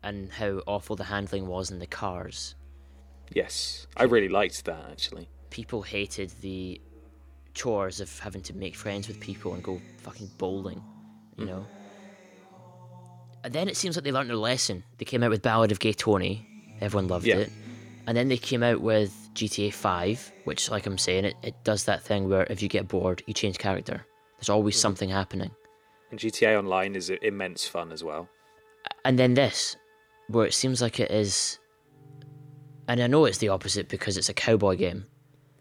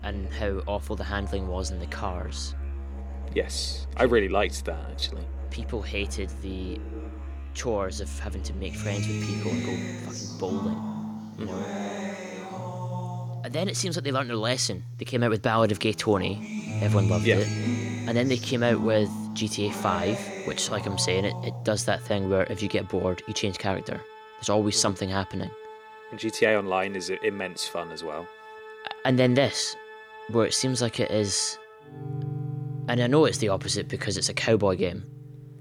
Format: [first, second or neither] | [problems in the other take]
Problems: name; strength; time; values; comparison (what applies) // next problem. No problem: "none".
first | background music; loud; throughout; 8 dB below the speech; faint in the first